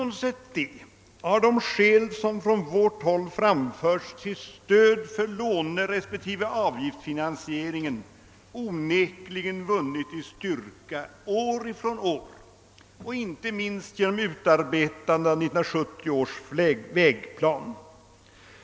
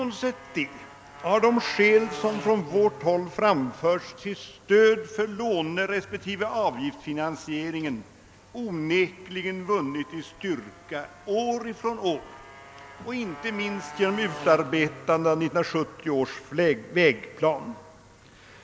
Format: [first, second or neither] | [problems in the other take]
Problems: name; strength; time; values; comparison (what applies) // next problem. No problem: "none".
first | background sound (Motorcycle); 19 dB below the speech